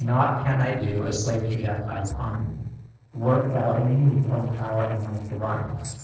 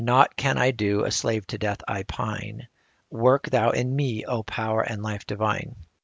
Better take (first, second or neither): second